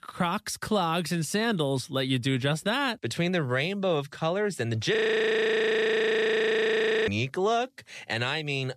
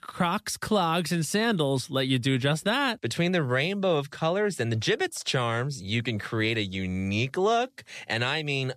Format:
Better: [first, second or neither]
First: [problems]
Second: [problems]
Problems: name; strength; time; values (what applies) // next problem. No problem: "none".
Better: second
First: audio freezing; at 5 s for 2 s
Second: none